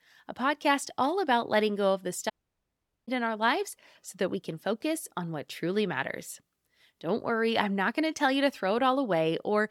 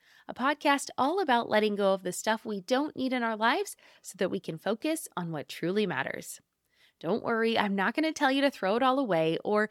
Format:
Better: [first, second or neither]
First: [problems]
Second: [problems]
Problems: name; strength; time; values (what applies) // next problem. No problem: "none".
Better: second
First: audio cutting out; at 2.5 s for 1 s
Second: none